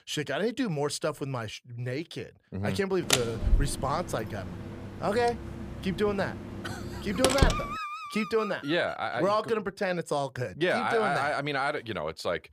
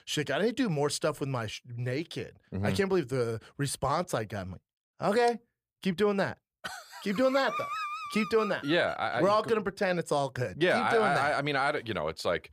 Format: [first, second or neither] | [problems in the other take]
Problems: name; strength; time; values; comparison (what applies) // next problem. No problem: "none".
second | door banging; loud; from 3 to 7.5 s; peak 5 dB above the speech